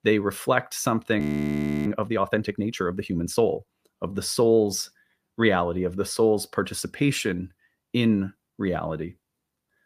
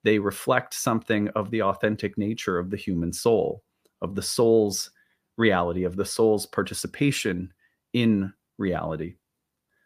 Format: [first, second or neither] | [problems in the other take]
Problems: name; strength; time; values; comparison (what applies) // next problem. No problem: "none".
second | audio freezing; at 1 s for 0.5 s